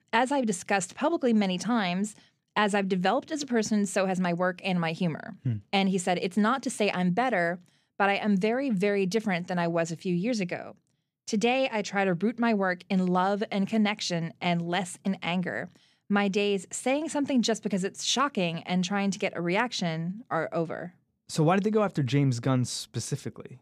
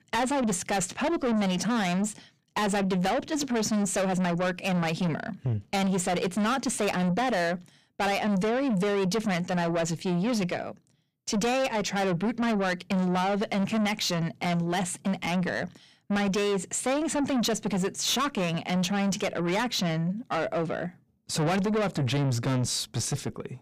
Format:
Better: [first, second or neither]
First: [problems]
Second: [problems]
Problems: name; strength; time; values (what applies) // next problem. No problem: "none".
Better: first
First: none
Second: distortion; heavy; 7 dB below the speech